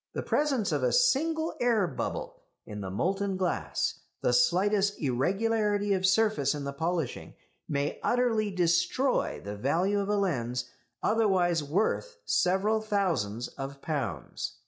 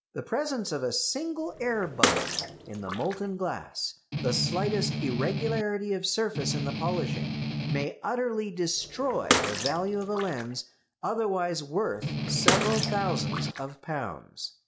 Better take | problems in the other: first | background sound (Bathtub (filling or washing) / Water / Splash, splatter + Strum); as loud as the speech

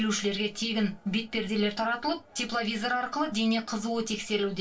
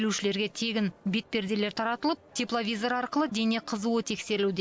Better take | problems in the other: second | room echo; dies away in 0.2 s

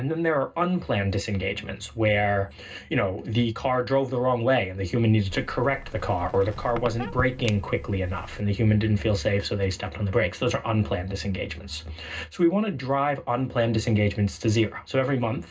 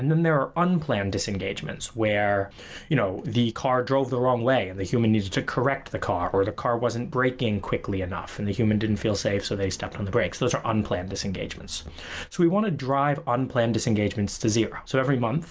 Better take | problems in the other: second | background sound (Squeak); 12 dB below the speech // room echo; dies away in 0.2 s

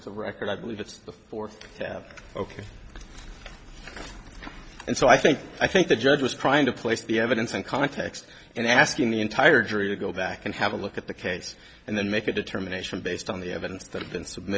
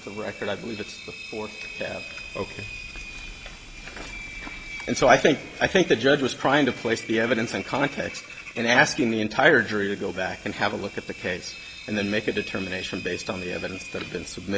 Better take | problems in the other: first | background sound (Engine); 14 dB below the speech

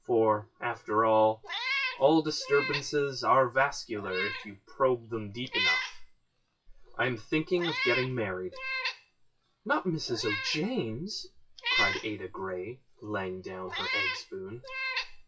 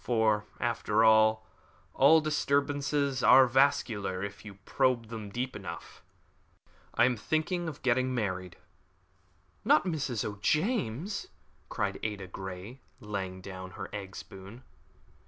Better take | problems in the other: second | noise reduction (classical method WPE with log-MMSE)

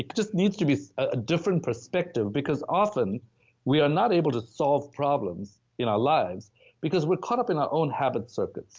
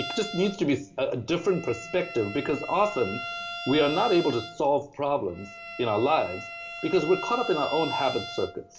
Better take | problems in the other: first | background sound (Bowed string instrument); 11 dB below the speech // room echo; dies away in 0.3 s

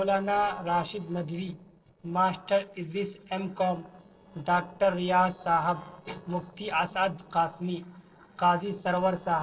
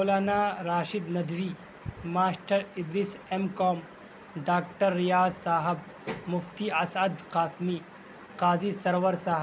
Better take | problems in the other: second | noise reduction (neural separator model SepFormer DNS4)

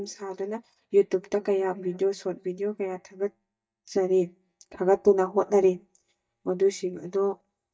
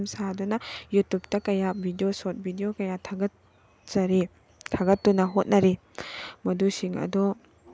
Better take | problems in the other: second | noise reduction (neural mask model DeepFilterNet 3)

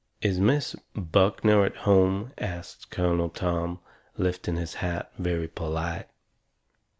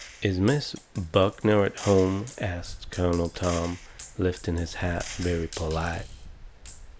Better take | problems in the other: first | background sound (Gunshot, gunfire + Stream); 15 dB below the speech

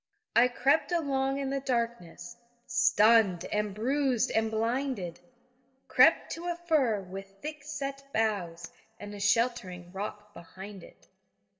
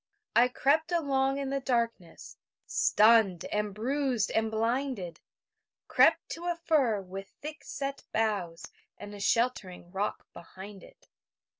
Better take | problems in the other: second | room echo; dies away in 0.8 s

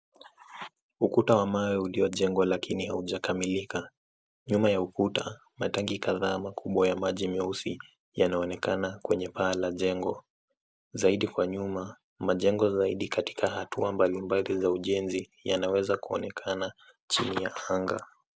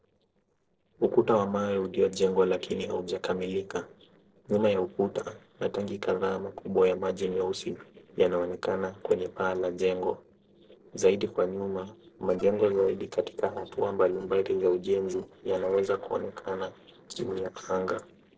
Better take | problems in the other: first | noise reduction (neural separator model SepFormer DNS4)

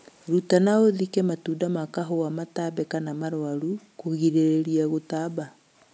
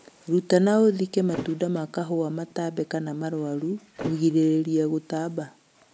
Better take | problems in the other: first | background sound (Thump, thud); 16 dB below the speech

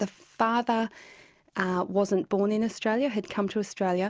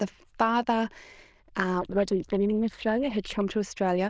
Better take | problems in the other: first | noise reduction (neural diffusion model UNIVERSE++)

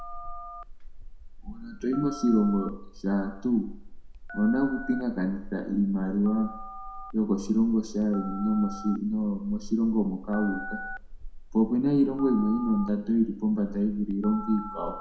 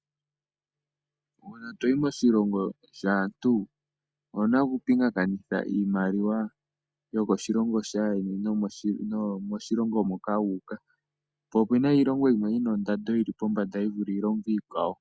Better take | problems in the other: second | background sound (Telephone); 12 dB below the speech // room echo; dies away in 0.6 s

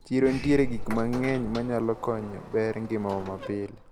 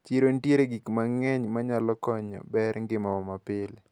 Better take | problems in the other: second | background sound (Sliding door); 8 dB below the speech

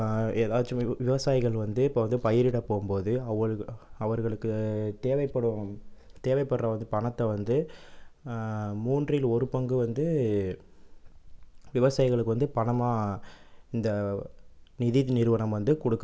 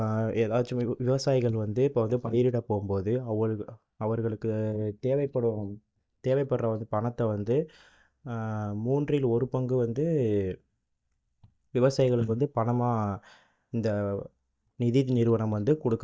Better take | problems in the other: first | noise reduction (neural mask model DeepFilterNet 3)

